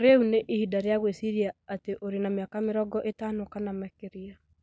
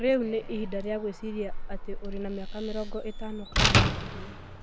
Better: first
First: none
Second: background sound (Slam); 3 dB above the speech

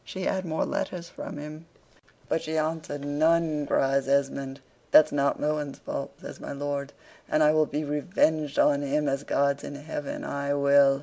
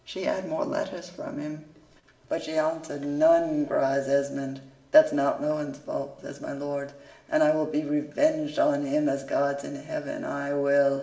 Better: first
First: none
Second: room echo; dies away in 0.7 s

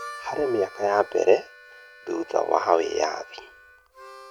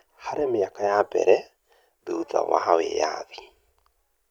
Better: second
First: background sound (Harmonica); 18 dB below the speech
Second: none

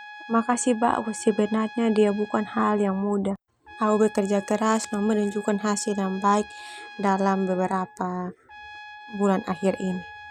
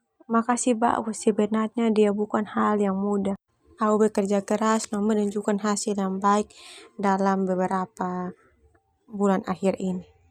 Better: second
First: background sound (Trumpet); 18 dB below the speech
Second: none

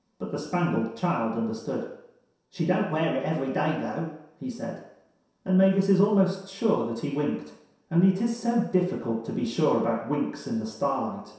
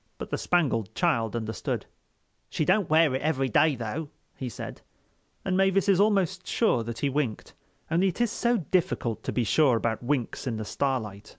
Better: second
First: room echo; dies away in 0.7 s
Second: none

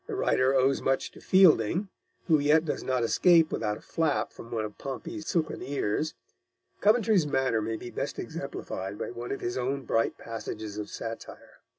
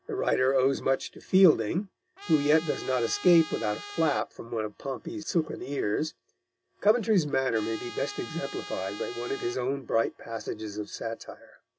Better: first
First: none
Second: background sound (Trumpet); 14 dB below the speech

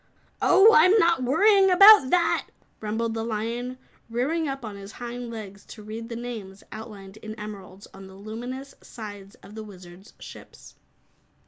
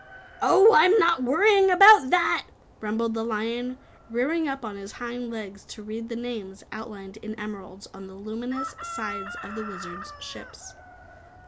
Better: first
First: none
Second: background sound (Chicken, rooster); 17 dB below the speech

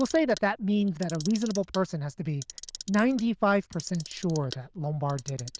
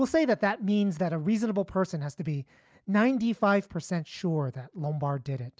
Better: second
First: noise reduction (neural diffusion model UNIVERSE++)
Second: none

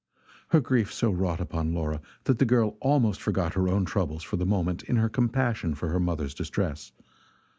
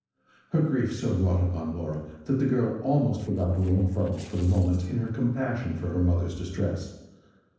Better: first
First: none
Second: noise reduction (neural separator model SepFormer DNS4)

